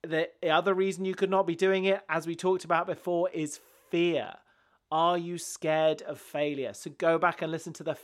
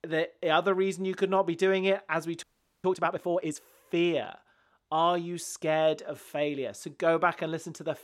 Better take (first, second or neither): first